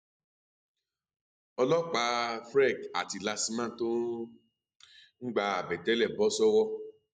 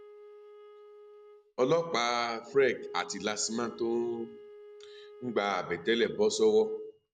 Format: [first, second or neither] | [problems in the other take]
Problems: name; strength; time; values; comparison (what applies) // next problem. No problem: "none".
first | background sound (Wind instrument, woodwind instrument); 19 dB below the speech